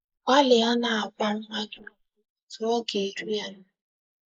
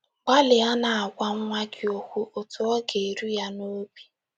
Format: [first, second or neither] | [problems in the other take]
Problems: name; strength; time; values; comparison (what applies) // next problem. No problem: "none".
second | noise reduction (neural mask model Resemble Enhance denoiser)